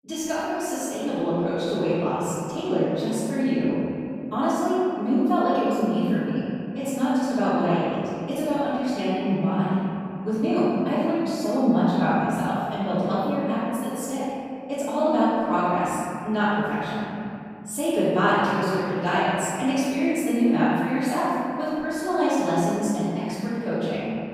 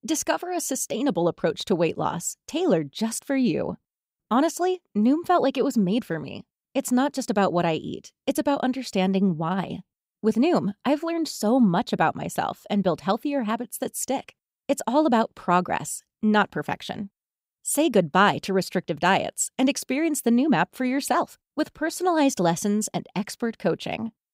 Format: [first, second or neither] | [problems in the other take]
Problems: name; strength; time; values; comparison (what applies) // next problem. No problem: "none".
second | off-mic speech; far // room echo; strong; dies away in 2.7 s